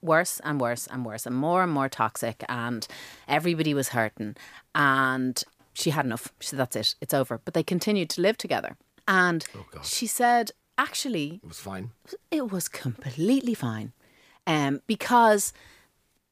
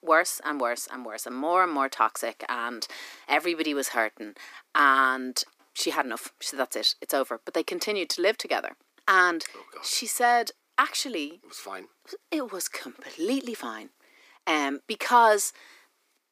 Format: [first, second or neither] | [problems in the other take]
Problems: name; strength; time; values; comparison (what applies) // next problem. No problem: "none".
first | thin; somewhat; fading below 300 Hz